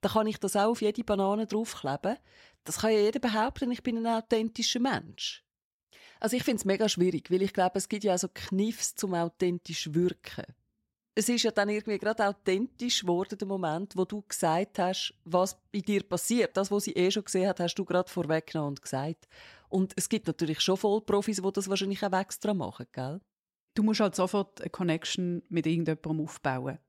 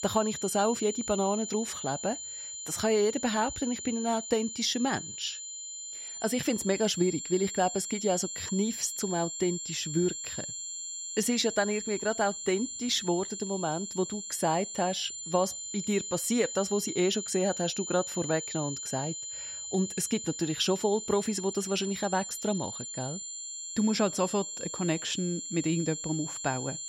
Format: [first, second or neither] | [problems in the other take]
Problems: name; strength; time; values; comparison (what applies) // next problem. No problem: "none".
first | high-pitched whine; loud; throughout; 7.5 kHz, 6 dB below the speech